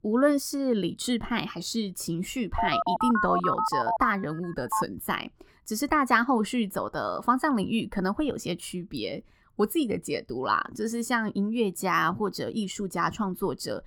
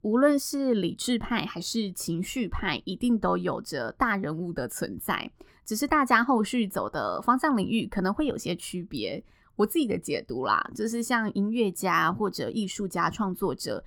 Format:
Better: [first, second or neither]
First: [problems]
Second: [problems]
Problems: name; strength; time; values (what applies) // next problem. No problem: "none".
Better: second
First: phone ringing; loud; from 2.5 to 5 s; peak 2 dB above the speech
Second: none